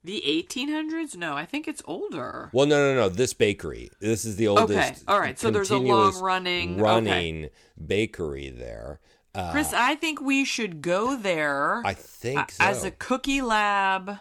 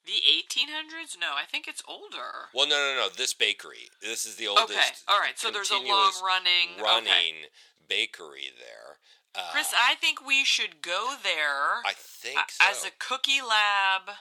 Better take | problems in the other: first | thin; very; fading below 950 Hz

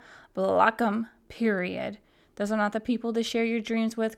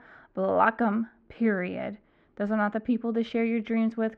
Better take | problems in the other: first | muffled; very; fading above 2 kHz

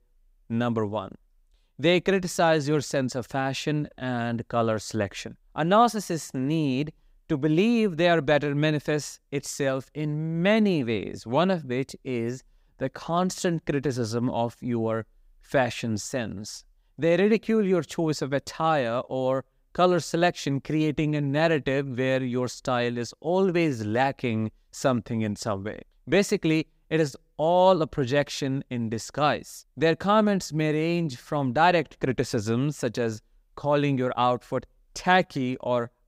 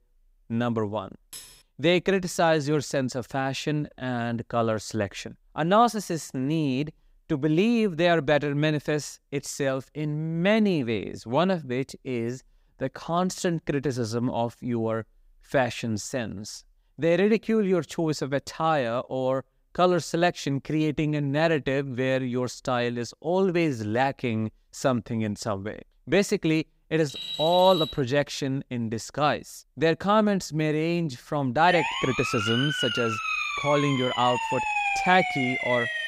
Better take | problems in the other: first | clattering dishes; faint; at 1.5 s; peak 15 dB below the speech // alarm; noticeable; at 27 s; peak 2 dB below the speech // siren; loud; from 32 s on; peak 1 dB above the speech

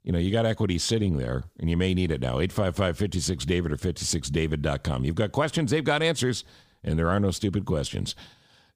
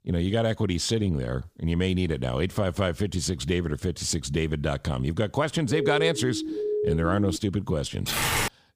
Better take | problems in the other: first | siren; noticeable; from 5.5 to 7.5 s; peak 1 dB below the speech // keyboard typing; loud; at 8 s; peak 3 dB above the speech

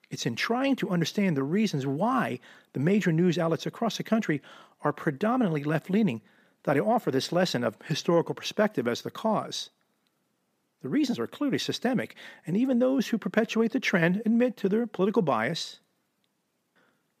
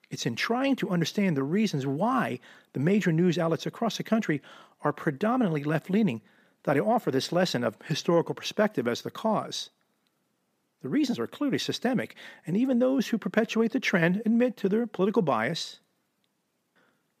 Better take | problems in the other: neither | none

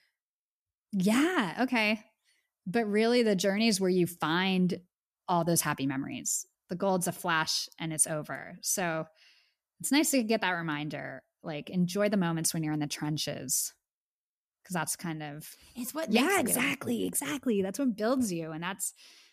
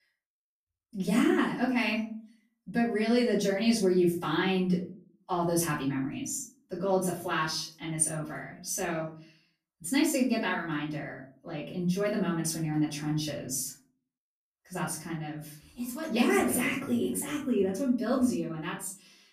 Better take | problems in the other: first | off-mic speech; far // room echo; slight; dies away in 0.4 s

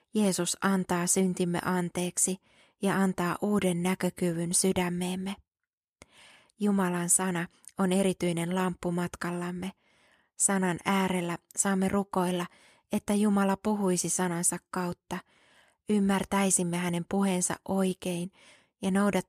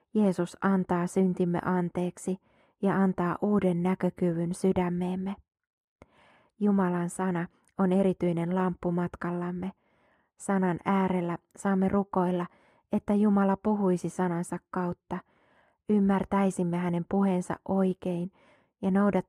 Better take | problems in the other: first | muffled; very; fading above 2.5 kHz

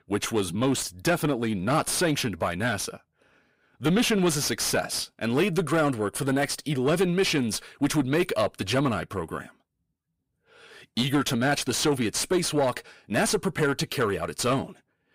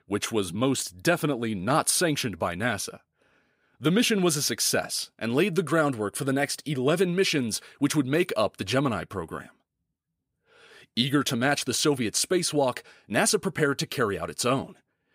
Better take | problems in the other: second | distortion; slight; 10 dB below the speech

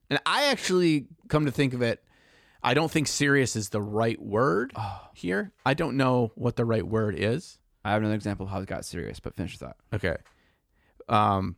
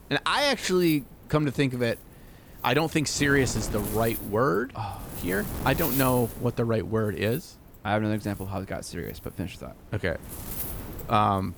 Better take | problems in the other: first | wind noise on the microphone; occasional gusts; 15 dB below the speech

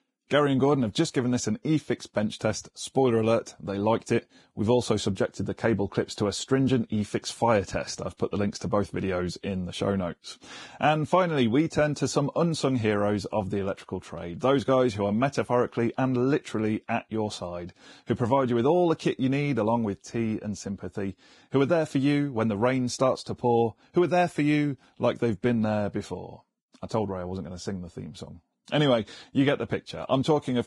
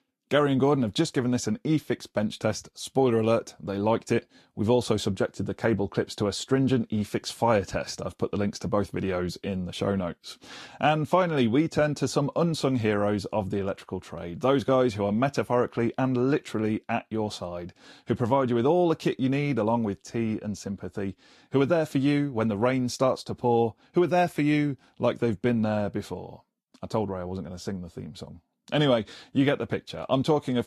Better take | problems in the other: second | garbled, watery; badly; nothing above 10.5 kHz; slightly in the second

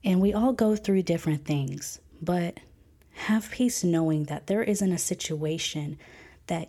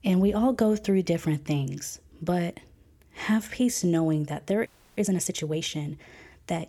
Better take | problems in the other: first | audio freezing; at 4.5 s

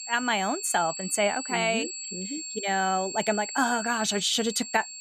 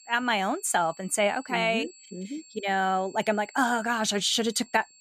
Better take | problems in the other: second | high-pitched whine; loud; throughout; 7.5 kHz, 8 dB below the speech; faint in the second

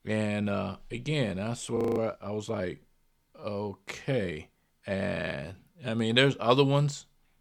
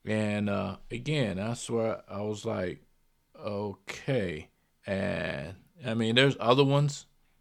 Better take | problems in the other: second | audio freezing; at 2 s

